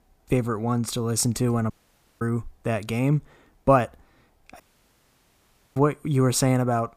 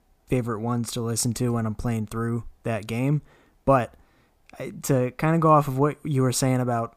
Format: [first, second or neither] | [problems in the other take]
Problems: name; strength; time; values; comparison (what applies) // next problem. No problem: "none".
second | audio cutting out; at 1.5 s for 0.5 s and at 4.5 s for 1 s